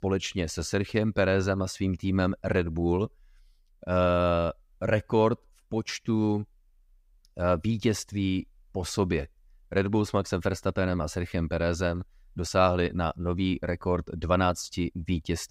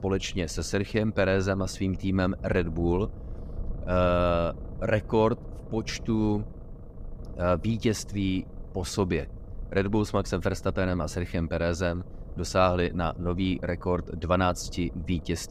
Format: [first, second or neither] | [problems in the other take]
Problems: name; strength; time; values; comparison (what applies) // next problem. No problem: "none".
first | low rumble; faint; throughout; 20 dB below the speech